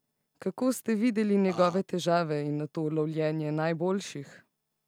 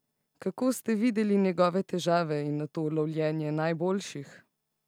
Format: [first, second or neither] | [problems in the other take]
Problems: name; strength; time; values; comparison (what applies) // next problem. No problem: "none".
second | background sound (Burping, eructation); 12 dB below the speech